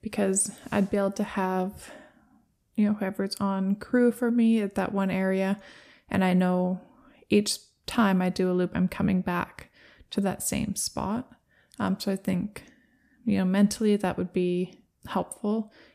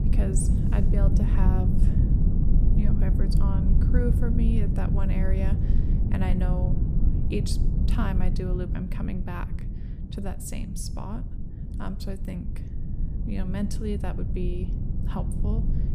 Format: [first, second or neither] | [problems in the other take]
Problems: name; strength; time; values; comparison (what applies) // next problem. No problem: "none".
first | low rumble; loud; throughout; 2 dB below the speech